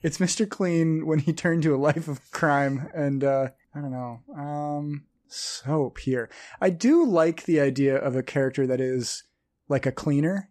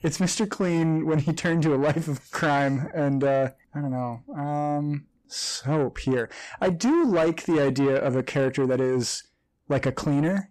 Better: first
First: none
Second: distortion; slight; 10 dB below the speech

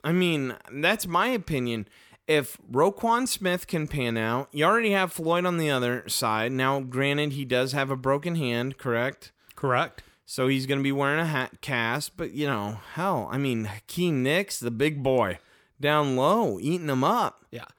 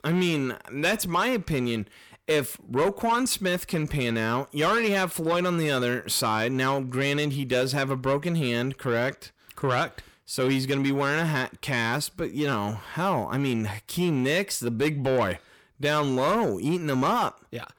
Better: first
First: none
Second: distortion; slight; 10 dB below the speech

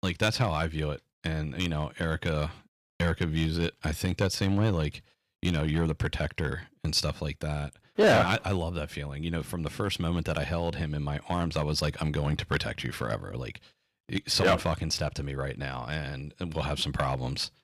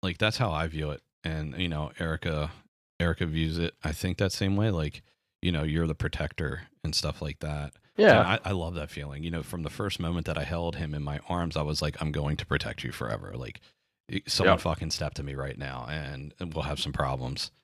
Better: second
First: distortion; slight; 2% of the sound clipped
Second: none

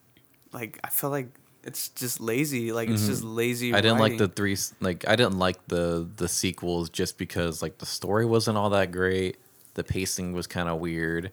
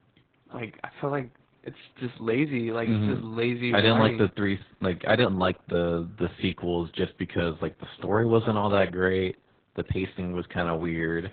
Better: first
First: none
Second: garbled, watery; badly; nothing above 4 kHz

